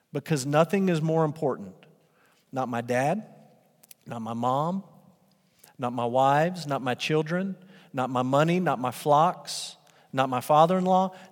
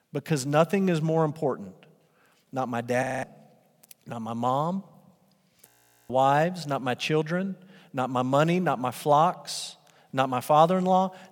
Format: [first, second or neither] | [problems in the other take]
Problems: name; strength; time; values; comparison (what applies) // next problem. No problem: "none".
first | audio freezing; at 3 s and at 5.5 s